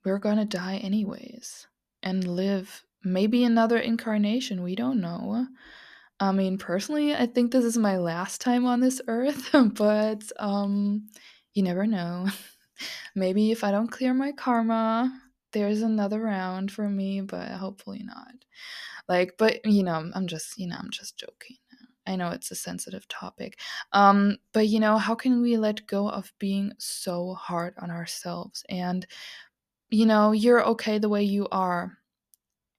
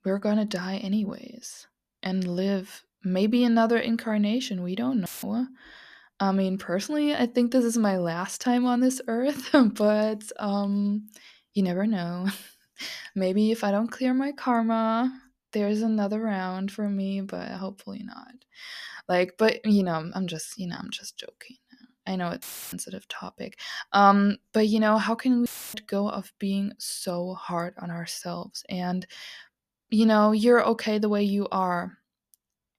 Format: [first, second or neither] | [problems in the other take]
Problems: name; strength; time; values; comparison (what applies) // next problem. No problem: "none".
first | audio cutting out; filled with static; at 5 s, at 22 s and at 25 s